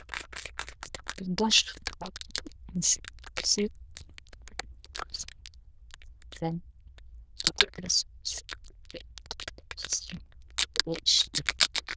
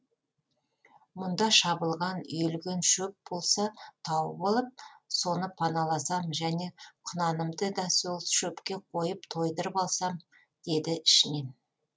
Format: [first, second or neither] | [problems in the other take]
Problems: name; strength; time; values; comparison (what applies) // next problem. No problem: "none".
second | noise reduction (neural diffusion model UNIVERSE++)